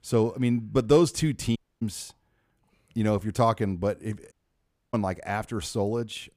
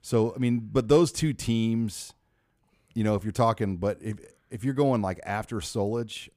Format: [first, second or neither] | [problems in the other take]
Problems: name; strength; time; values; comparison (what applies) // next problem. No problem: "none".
second | audio cutting out; at 1.5 s and at 4.5 s for 0.5 s